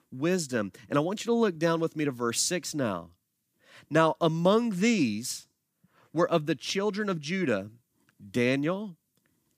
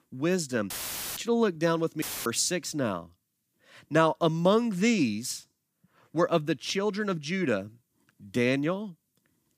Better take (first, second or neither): first